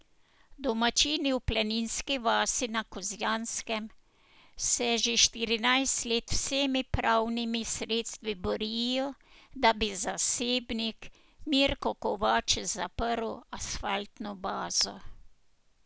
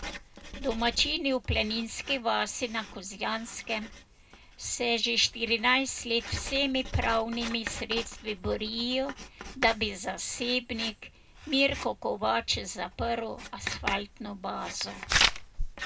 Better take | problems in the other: first | background sound (Writing); 7 dB below the speech // room echo; dies away in 0.2 s

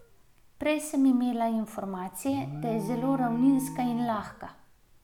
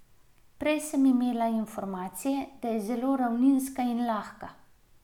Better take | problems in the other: second | background sound (Alarm); 14 dB below the speech

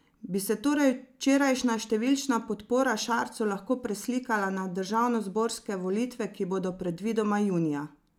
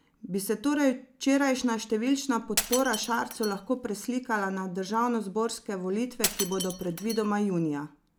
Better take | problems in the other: first | background sound (Shatter); 9 dB below the speech

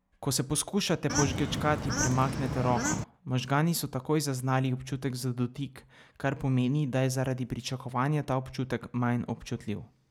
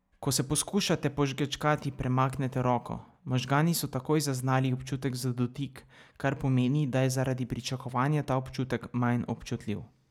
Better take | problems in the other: second | background sound (Bird / Fowl); 2 dB below the speech

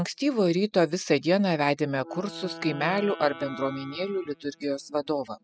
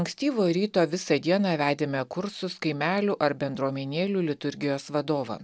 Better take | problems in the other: second | noise reduction (classical method spectral subtraction)

